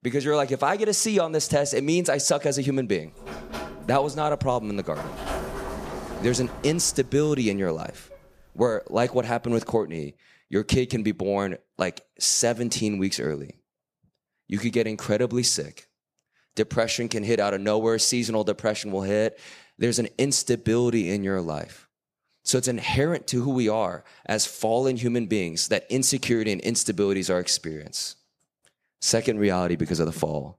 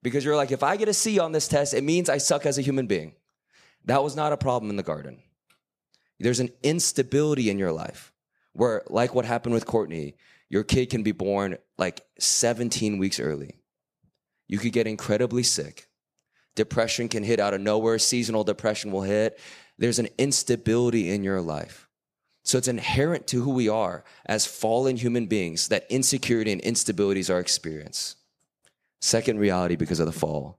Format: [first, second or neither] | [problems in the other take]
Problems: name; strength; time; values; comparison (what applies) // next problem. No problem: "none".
second | door banging; noticeable; from 3 to 8 s; peak 7 dB below the speech